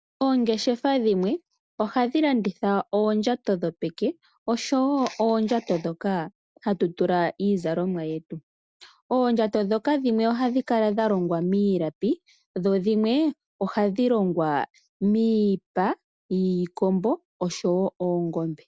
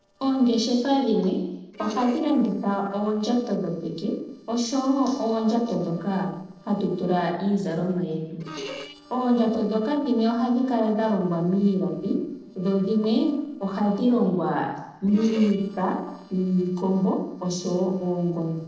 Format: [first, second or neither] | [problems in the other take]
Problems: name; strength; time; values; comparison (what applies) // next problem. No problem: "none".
first | noise reduction (neural separator model SepFormer DNS4)